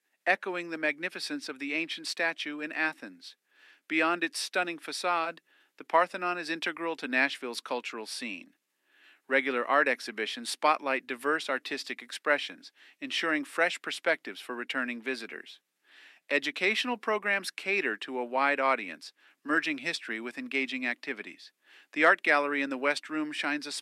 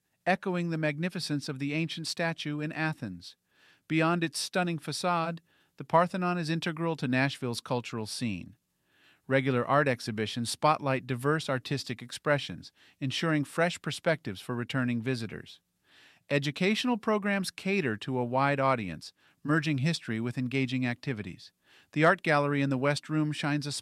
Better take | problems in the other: second | thin; somewhat; fading below 250 Hz

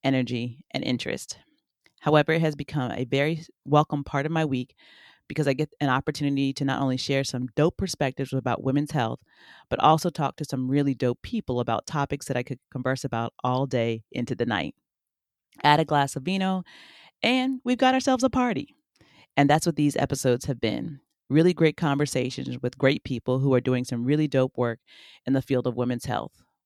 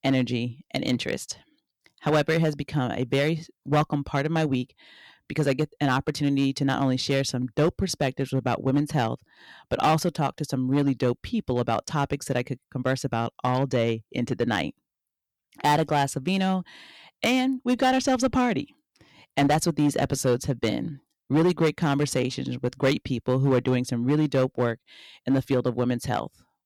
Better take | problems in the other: first | distortion; slight; 5% of the sound clipped

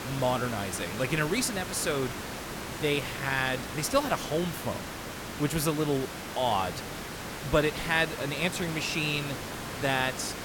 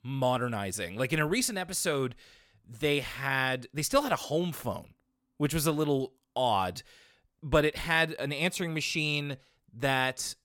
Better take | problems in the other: second | hiss; loud; throughout; 7 dB below the speech

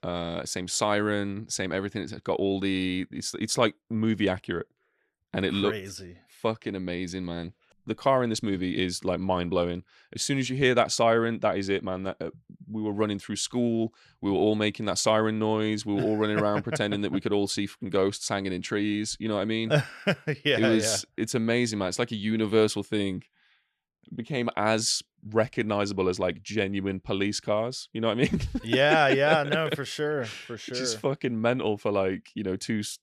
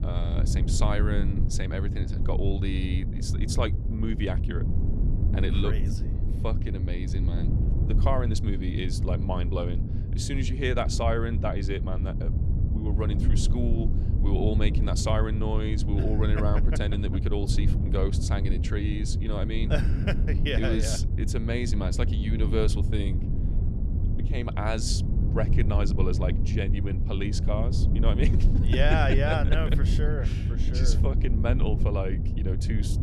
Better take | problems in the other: first | low rumble; loud; throughout; 7 dB below the speech

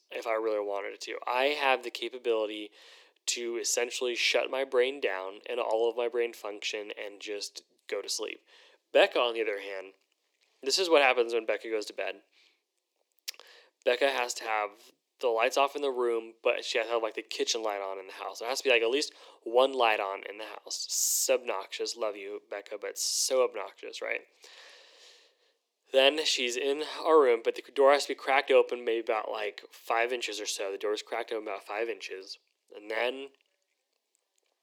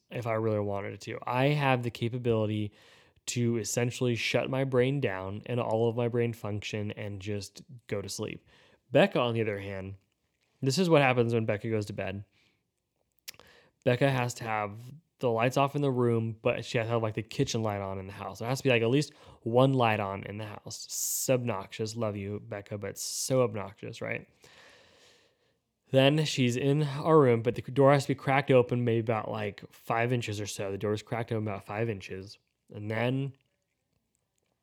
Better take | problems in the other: second | thin; very; fading below 350 Hz

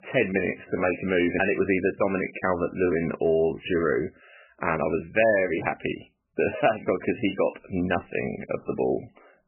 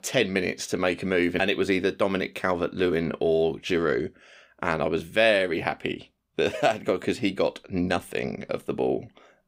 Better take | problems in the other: second | garbled, watery; badly; nothing above 3 kHz

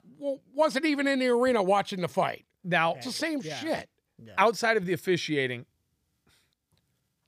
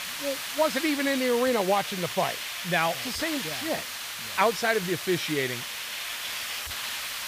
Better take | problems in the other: first | hiss; loud; throughout; 4 dB below the speech

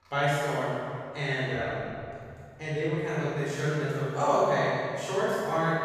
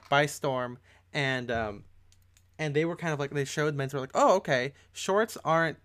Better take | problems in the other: second | room echo; strong; dies away in 2.1 s // off-mic speech; far

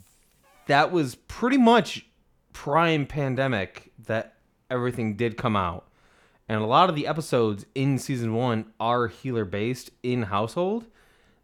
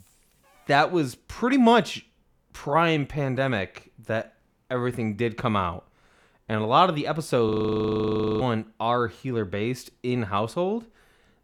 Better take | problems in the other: first | audio freezing; at 7.5 s for 1 s

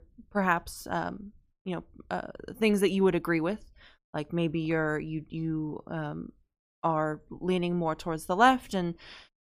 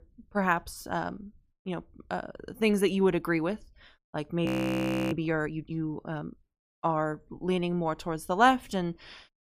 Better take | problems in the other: first | audio freezing; at 4.5 s for 0.5 s

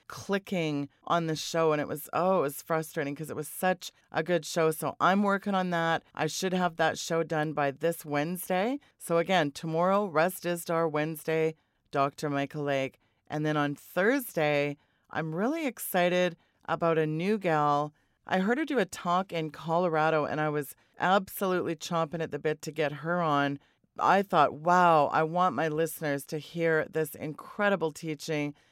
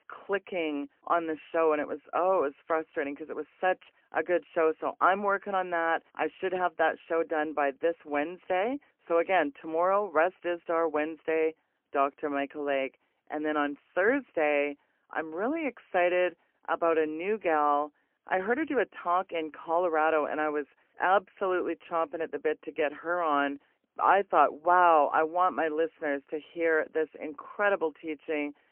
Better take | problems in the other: first | phone-call audio; poor line; nothing above 3 kHz

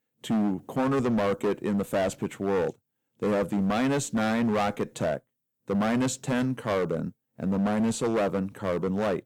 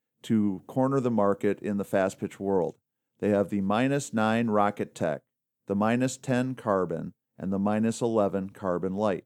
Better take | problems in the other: second | distortion; heavy; 16% of the sound clipped

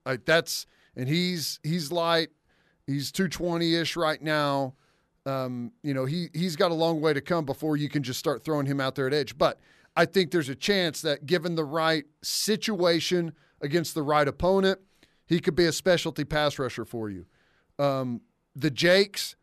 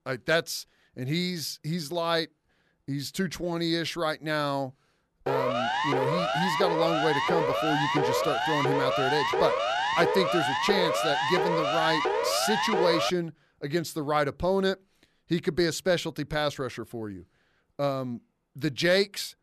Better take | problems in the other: first | siren; loud; from 5.5 to 13 s; peak 3 dB above the speech

